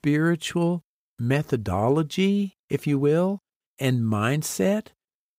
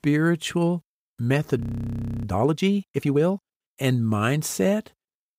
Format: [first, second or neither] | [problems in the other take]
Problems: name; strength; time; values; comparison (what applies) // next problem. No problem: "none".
first | audio freezing; at 1.5 s for 0.5 s